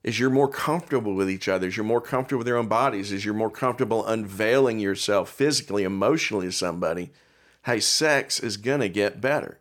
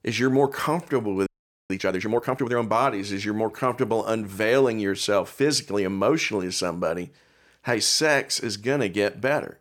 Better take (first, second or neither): first